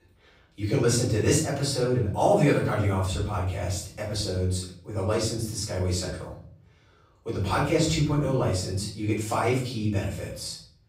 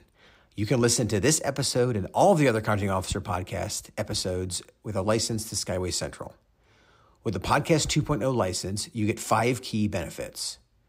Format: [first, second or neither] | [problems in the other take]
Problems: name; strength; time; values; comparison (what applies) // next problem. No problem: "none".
second | off-mic speech; far // room echo; noticeable; dies away in 0.7 s